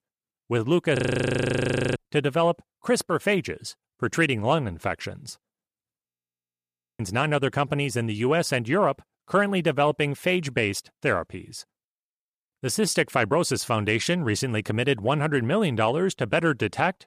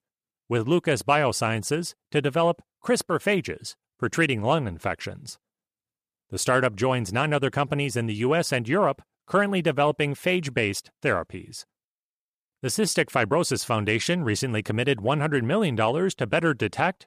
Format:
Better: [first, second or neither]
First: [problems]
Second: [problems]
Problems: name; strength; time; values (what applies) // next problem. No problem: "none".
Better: second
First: audio freezing; at 1 s for 1 s and at 6 s for 1 s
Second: none